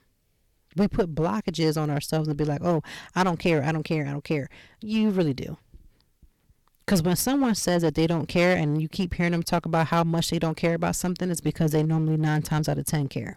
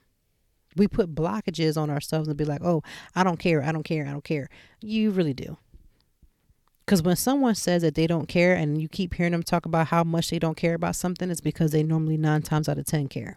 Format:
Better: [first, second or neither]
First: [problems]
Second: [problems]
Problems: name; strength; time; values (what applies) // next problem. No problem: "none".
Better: second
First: distortion; slight; 7% of the sound clipped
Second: none